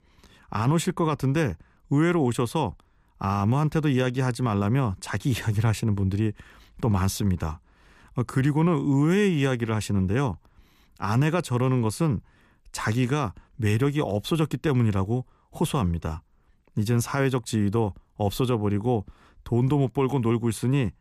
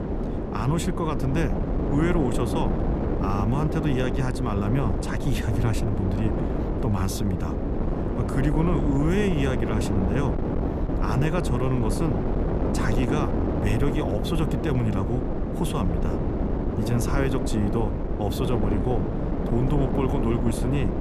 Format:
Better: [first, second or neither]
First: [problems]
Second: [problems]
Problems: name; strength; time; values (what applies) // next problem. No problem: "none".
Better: first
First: none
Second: wind noise on the microphone; heavy; 1 dB below the speech